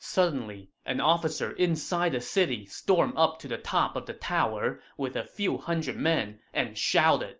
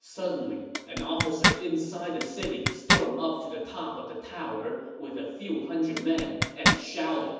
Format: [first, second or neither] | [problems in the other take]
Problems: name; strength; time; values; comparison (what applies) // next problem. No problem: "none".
first | background sound (Zipper (clothing)); 3 dB above the speech // room echo; dies away in 1.1 s